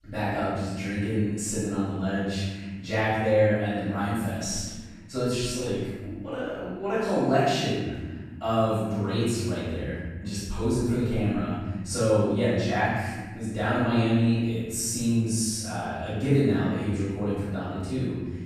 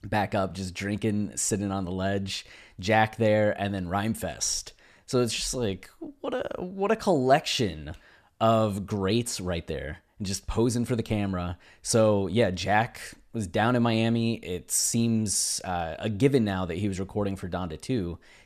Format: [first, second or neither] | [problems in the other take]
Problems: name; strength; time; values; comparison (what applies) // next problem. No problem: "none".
second | off-mic speech; far // room echo; strong; dies away in 1.6 s